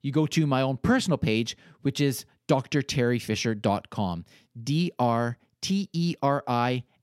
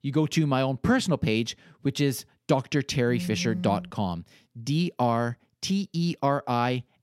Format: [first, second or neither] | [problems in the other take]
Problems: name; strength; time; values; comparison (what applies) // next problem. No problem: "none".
first | phone ringing; noticeable; at 3 s; peak 6 dB below the speech